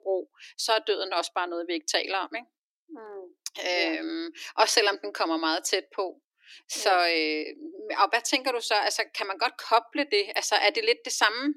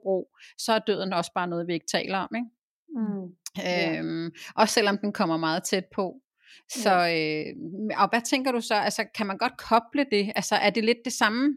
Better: second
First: thin; somewhat; fading below 300 Hz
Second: none

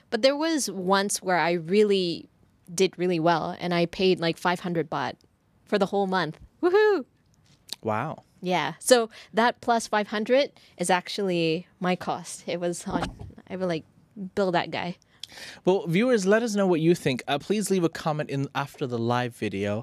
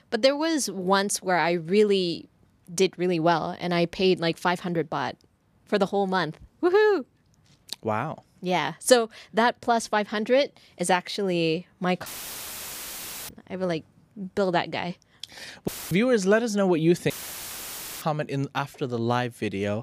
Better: first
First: none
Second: audio cutting out; filled with static; at 12 s for 1 s, at 16 s and at 17 s for 1 s

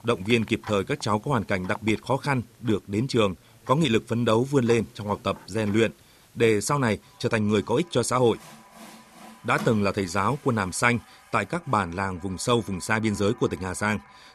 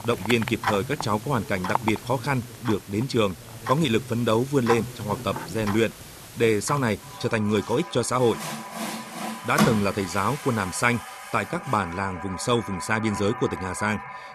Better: first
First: household noises; faint; throughout; 20 dB below the speech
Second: household noises; loud; throughout; 8 dB below the speech

